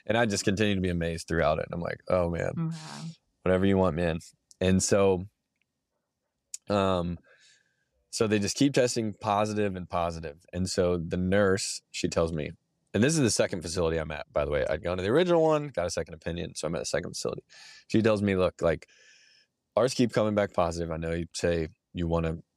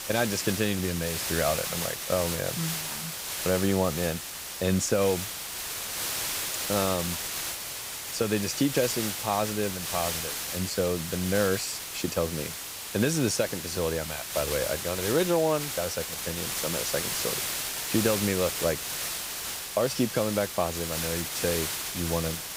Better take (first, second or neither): first